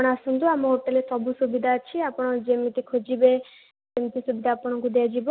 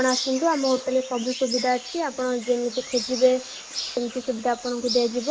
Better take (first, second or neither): first